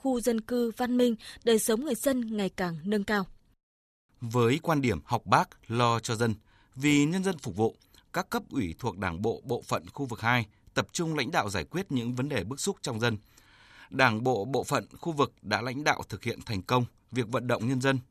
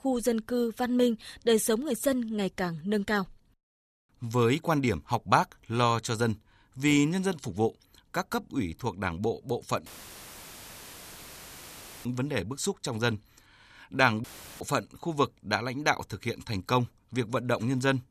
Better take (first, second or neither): first